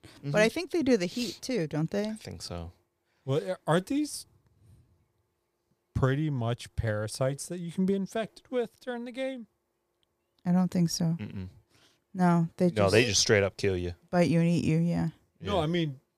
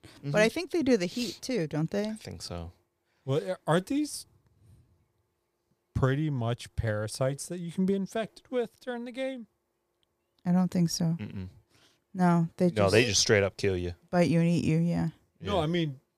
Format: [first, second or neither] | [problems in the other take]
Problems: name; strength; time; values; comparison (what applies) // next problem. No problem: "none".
neither | none